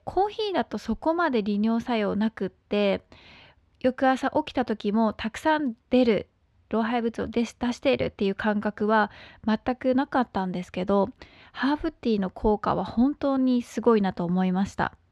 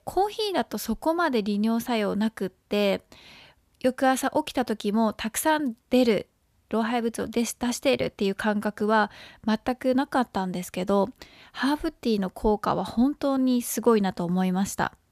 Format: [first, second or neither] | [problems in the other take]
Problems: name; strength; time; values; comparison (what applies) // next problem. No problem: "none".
second | muffled; very slightly; fading above 3.5 kHz